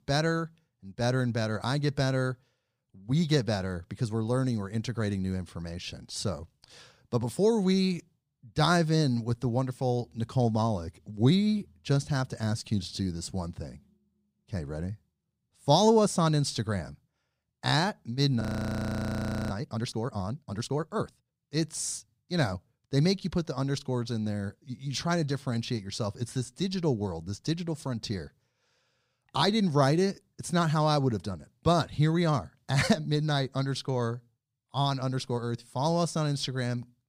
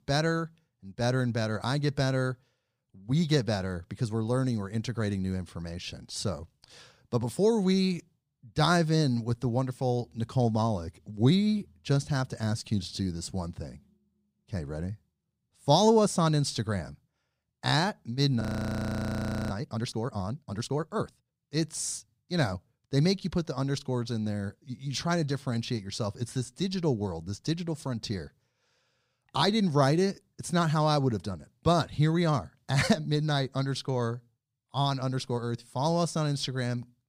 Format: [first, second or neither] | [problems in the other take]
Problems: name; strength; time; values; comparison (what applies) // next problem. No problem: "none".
neither | audio freezing; at 18 s for 1 s; the same in both